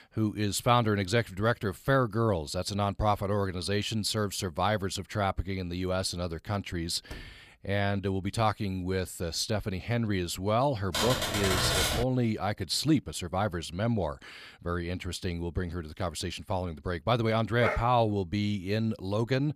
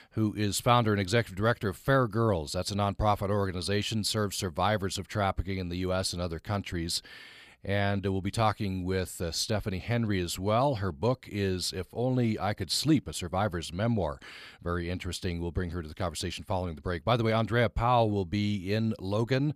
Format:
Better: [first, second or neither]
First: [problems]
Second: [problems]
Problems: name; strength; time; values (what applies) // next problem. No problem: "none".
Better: second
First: door banging; faint; at 7 s; peak 20 dB below the speech // keyboard typing; loud; from 11 to 12 s; peak 4 dB above the speech // dog barking; noticeable; at 18 s; peak 3 dB below the speech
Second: none